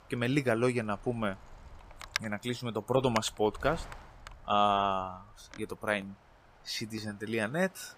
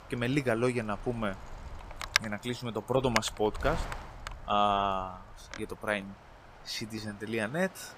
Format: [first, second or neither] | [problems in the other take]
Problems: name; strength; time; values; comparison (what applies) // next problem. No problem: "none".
first | wind noise on the microphone; heavy; 5 dB below the speech; occasional gusts in the first